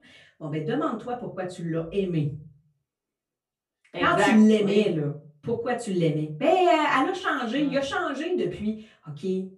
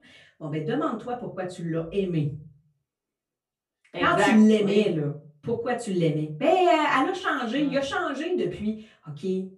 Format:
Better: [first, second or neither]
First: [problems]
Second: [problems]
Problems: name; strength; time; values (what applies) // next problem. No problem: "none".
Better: neither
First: off-mic speech; far // room echo; slight; dies away in 0.3 s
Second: off-mic speech; far // room echo; slight; dies away in 0.3 s